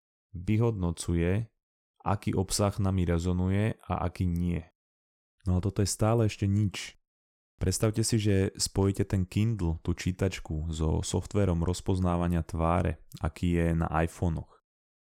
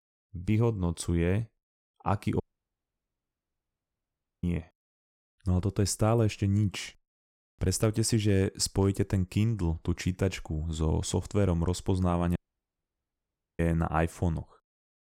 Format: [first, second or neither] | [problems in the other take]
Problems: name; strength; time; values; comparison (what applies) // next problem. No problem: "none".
first | audio cutting out; at 2.5 s for 2 s and at 12 s for 1 s